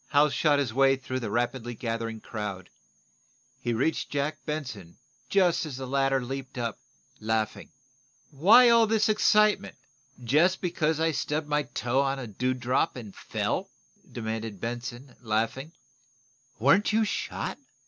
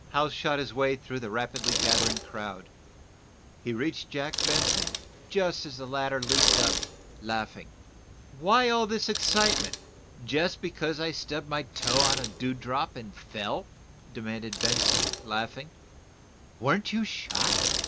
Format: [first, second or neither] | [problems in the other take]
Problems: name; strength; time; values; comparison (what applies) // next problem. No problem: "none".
first | background sound (Bicycle); 1 dB below the speech